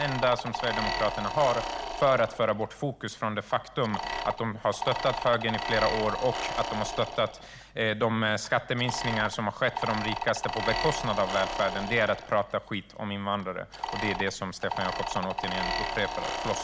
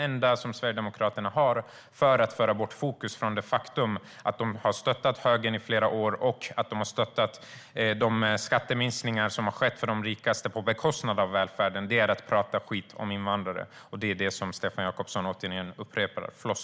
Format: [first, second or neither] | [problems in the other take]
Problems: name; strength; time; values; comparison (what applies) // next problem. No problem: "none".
second | background sound (Mechanisms); 5 dB below the speech